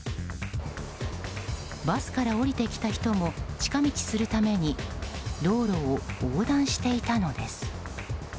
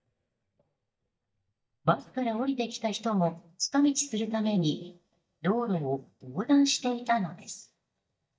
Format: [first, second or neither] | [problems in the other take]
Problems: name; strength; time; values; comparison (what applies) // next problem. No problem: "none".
first | noise reduction (neural mask model DeepFilterNet 3)